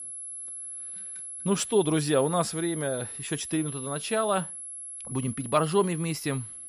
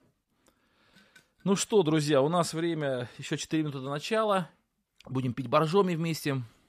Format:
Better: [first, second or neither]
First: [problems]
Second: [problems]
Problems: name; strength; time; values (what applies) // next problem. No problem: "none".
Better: second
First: high-pitched whine; loud; throughout; 11 kHz, 8 dB below the speech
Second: none